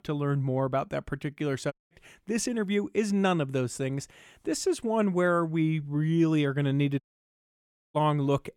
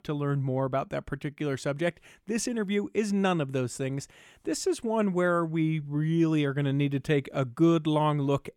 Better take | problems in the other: second | audio cutting out; at 1.5 s and at 7 s for 1 s

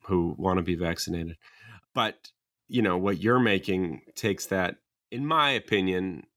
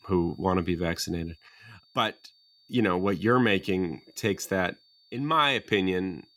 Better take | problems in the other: first | high-pitched whine; faint; throughout; 4.5 kHz, 30 dB below the speech

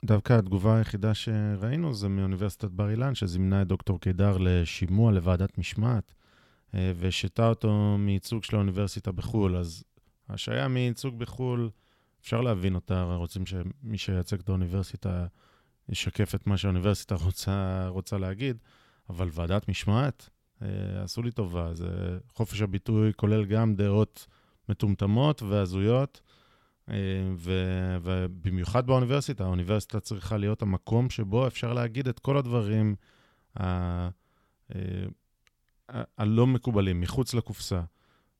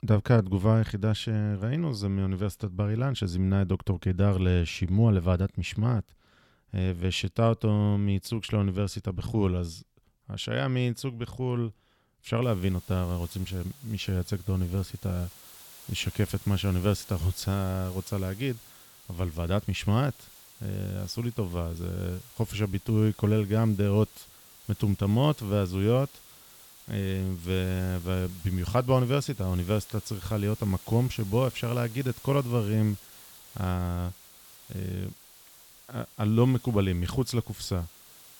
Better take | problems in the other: first | hiss; noticeable; from 12 s on; 20 dB below the speech

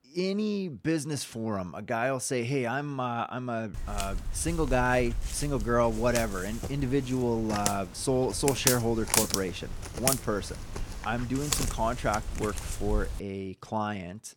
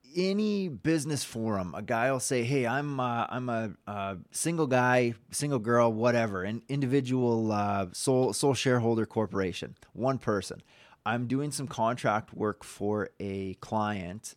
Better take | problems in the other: second | footsteps; loud; from 3.5 to 13 s; peak 5 dB above the speech

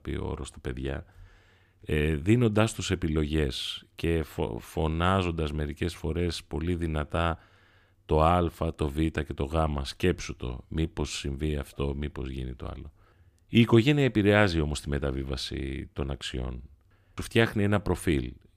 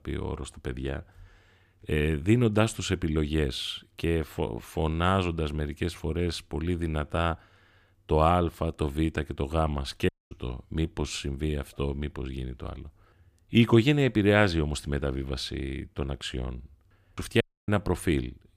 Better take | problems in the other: first | audio cutting out; at 10 s and at 17 s

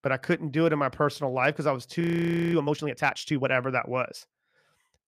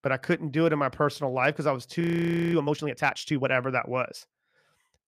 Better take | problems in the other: neither | audio freezing; at 2 s for 0.5 s; the same in both

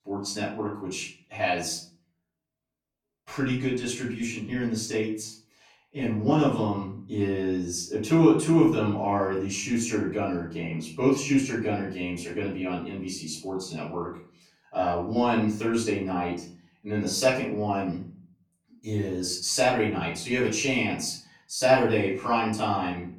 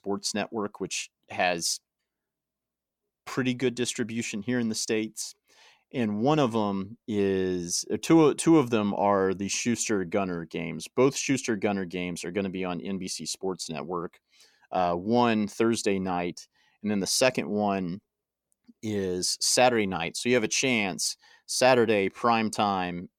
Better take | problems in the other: second | off-mic speech; far // room echo; noticeable; dies away in 0.5 s

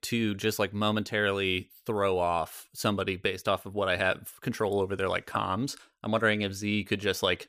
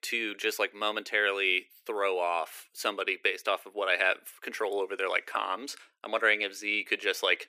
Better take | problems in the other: first | thin; very; fading below 350 Hz

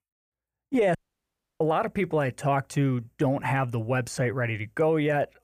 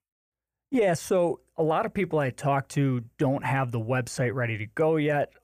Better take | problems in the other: second | audio cutting out; at 1 s for 0.5 s

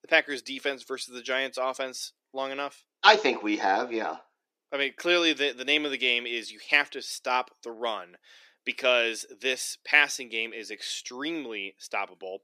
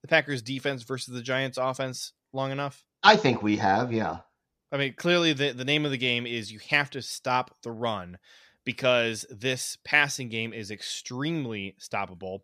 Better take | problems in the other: second | thin; somewhat; fading below 300 Hz

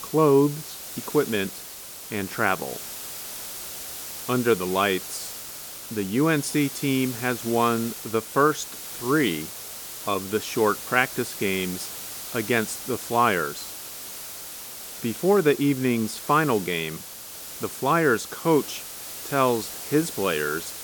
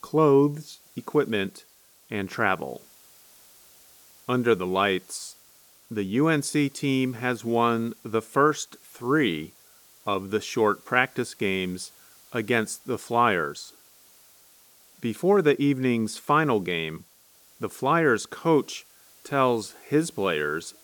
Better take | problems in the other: second | hiss; loud; throughout; 10 dB below the speech; faint in the second

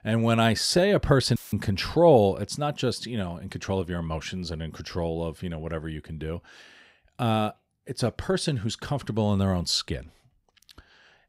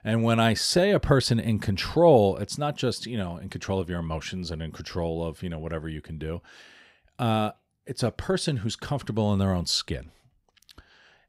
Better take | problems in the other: second | audio cutting out; filled with static; at 1.5 s

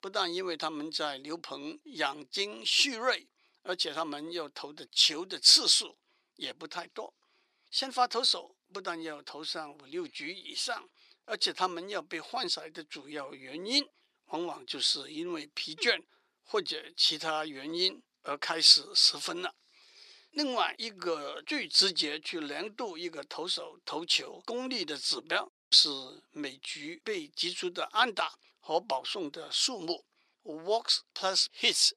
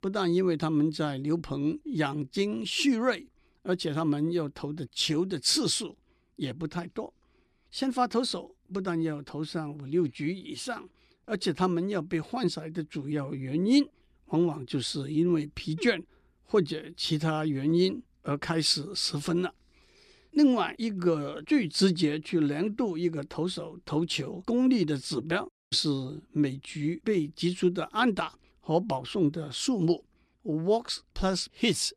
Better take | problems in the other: second | thin; very; fading below 650 Hz

